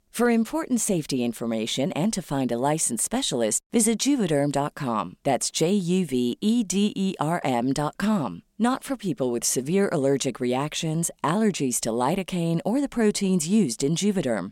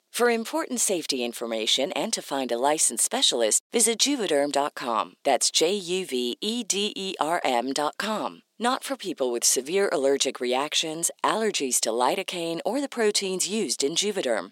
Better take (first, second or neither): first